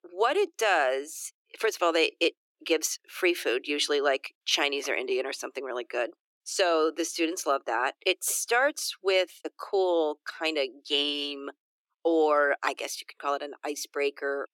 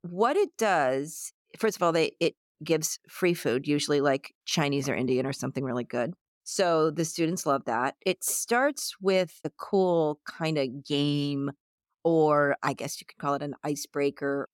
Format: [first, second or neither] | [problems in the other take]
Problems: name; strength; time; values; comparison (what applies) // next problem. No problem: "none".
second | thin; somewhat; fading below 300 Hz